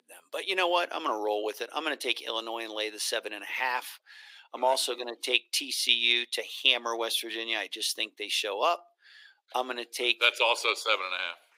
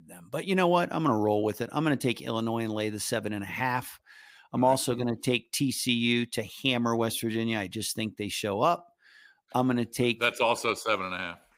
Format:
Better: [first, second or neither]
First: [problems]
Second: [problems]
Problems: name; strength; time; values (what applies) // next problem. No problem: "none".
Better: second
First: thin; very; fading below 400 Hz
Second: none